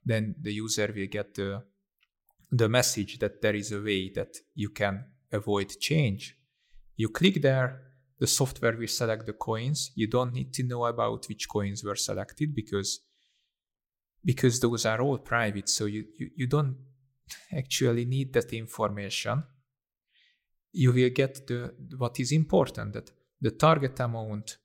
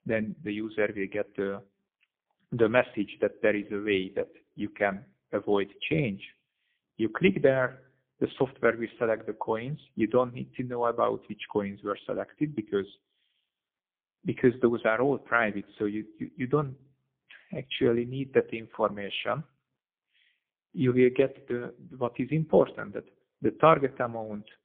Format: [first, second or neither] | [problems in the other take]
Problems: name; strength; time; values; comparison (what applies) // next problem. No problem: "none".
first | phone-call audio; poor line; nothing above 3.5 kHz